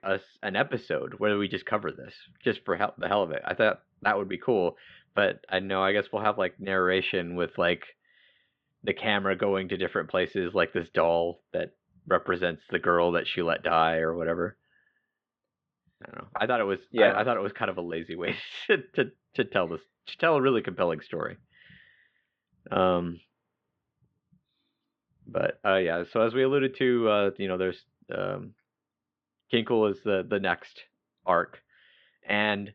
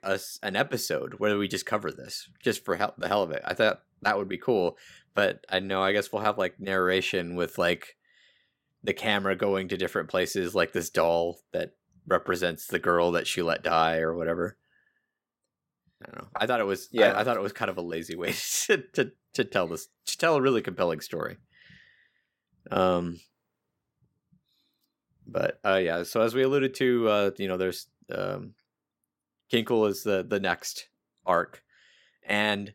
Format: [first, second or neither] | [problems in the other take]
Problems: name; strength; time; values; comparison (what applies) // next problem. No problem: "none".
second | muffled; very; fading above 3.5 kHz